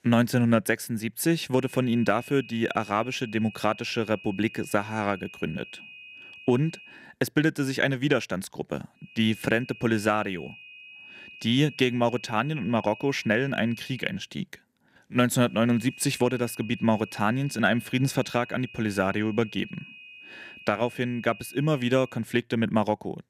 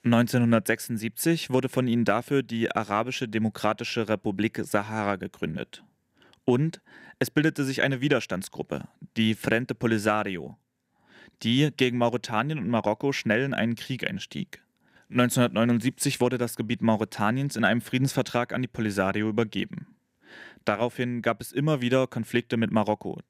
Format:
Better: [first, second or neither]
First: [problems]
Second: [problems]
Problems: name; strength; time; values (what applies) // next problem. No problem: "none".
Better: second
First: high-pitched whine; noticeable; from 1.5 to 7 s, from 9 to 14 s and from 16 to 22 s; 2.5 kHz, 15 dB below the speech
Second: none